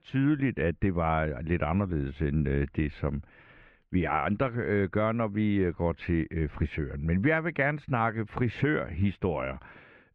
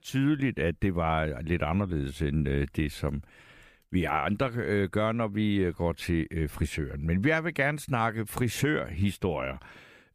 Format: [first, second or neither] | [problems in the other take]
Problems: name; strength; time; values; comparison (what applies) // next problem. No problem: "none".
second | muffled; very; fading above 2.5 kHz